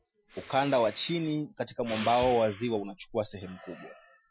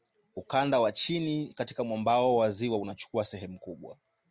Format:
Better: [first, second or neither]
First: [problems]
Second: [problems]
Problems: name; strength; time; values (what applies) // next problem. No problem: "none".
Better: second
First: noise reduction (classical method Wiener filter)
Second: none